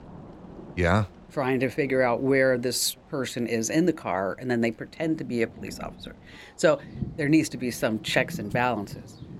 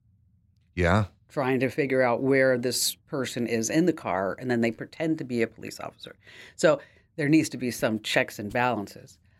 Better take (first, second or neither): second